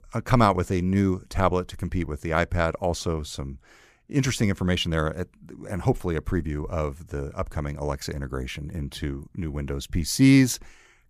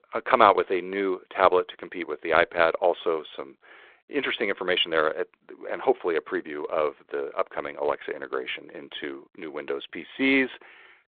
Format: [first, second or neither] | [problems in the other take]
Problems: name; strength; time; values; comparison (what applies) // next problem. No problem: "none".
first | phone-call audio